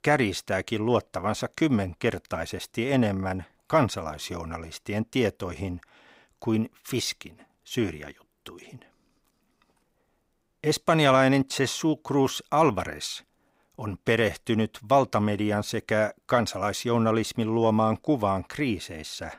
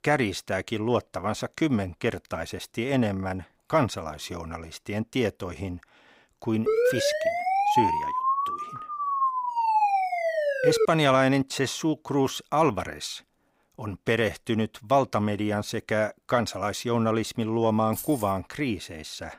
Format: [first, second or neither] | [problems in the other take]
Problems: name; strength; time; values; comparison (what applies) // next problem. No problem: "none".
first | siren; loud; from 6.5 to 11 s; peak 5 dB above the speech // jangling keys; noticeable; at 18 s; peak 9 dB below the speech